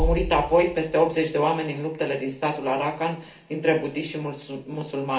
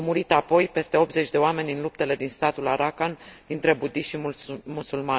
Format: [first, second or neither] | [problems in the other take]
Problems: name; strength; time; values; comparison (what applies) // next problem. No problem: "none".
second | background sound (Bass drum); 10 dB below the speech // room echo; dies away in 0.4 s